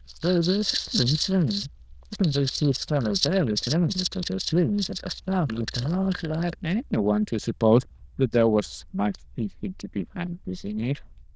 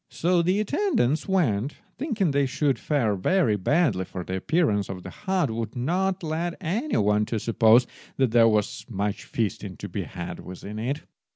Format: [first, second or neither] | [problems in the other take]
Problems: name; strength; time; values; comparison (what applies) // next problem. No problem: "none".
second | noise reduction (neural diffusion model UNIVERSE++)